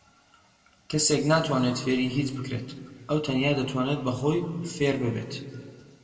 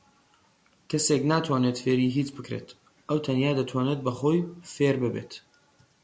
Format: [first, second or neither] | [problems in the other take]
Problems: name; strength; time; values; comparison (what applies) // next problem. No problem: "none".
second | room echo; dies away in 1.5 s